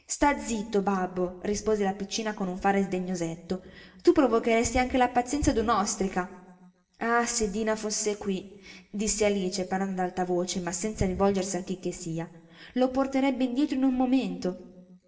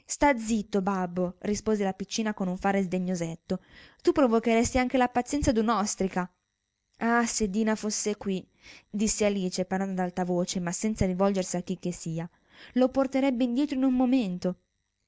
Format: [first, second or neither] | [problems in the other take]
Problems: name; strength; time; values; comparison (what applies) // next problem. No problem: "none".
second | room echo; dies away in 0.9 s